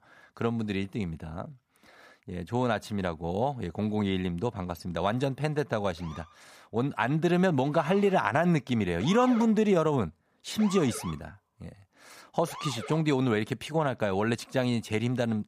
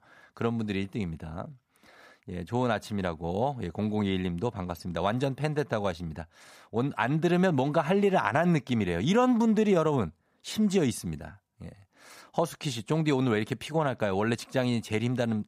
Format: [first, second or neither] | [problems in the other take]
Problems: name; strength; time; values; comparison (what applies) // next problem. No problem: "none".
second | siren; noticeable; from 6 to 13 s; peak 8 dB below the speech